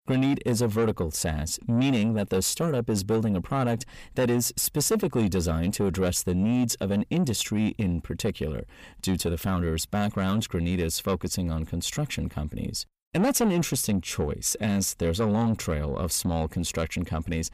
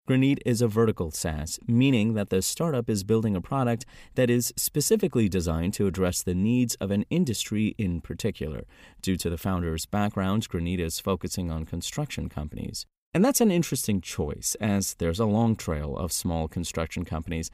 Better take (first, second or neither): second